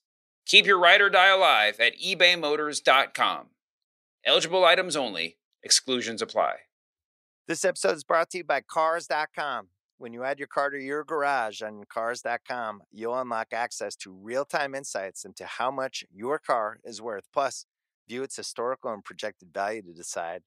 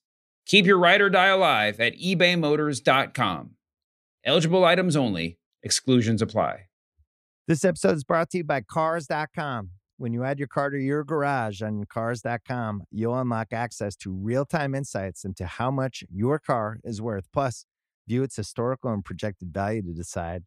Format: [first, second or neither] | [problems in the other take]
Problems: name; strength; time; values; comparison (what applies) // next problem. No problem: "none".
second | thin; very; fading below 550 Hz